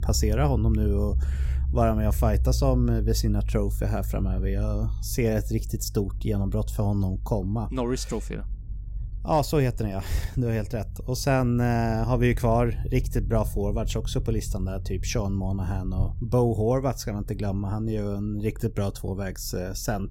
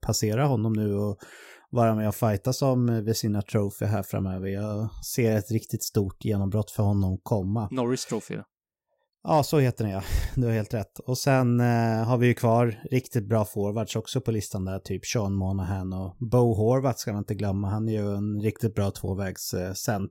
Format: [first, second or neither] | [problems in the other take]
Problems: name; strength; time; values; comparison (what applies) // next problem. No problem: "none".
second | low rumble; faint; throughout; 20 dB below the speech